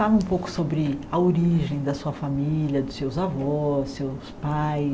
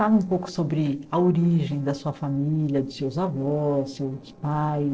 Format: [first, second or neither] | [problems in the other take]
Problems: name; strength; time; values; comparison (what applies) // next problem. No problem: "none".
first | noise reduction (neural separator model SepFormer DNS4)